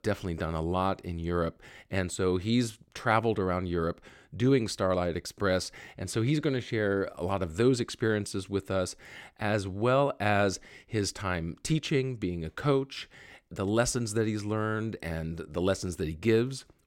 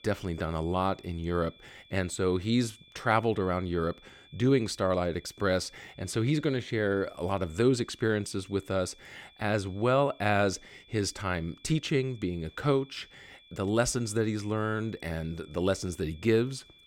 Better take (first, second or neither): first